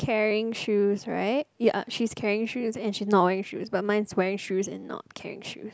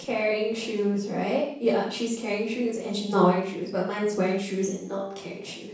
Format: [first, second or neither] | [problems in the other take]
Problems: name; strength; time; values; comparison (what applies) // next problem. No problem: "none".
first | noise reduction (neural separator model SepFormer DNS4)